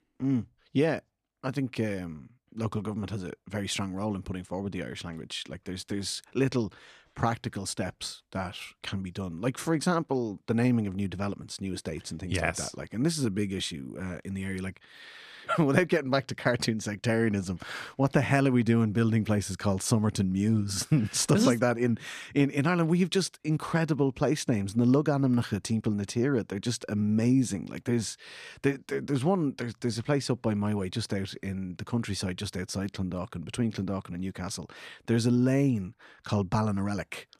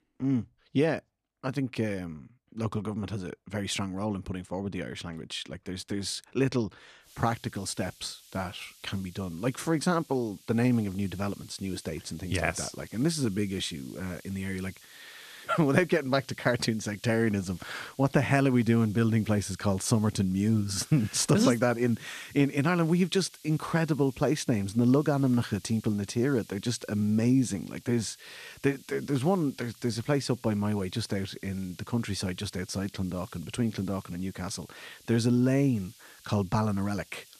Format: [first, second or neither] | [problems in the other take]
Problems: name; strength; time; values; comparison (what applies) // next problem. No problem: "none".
first | hiss; faint; from 7 s on; 25 dB below the speech